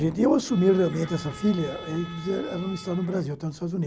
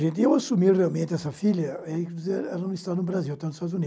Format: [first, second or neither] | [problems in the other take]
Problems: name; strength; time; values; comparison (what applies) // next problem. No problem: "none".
second | background sound (Thunder + Bowed string instrument); 17 dB below the speech